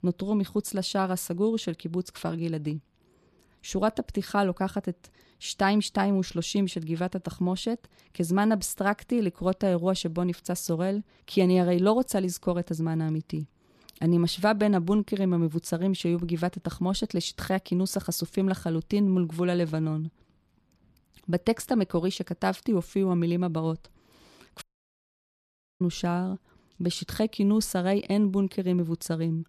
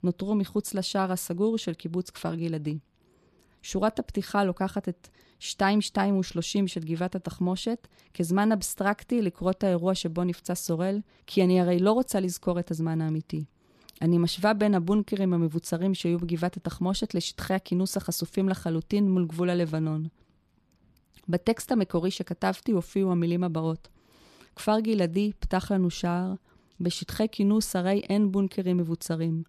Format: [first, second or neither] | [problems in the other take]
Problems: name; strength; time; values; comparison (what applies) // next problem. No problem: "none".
second | audio cutting out; at 25 s for 1 s